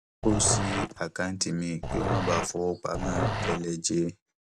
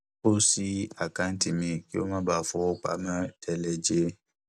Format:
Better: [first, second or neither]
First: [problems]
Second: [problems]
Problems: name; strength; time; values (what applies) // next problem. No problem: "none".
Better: second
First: background sound (Growling); 1 dB below the speech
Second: none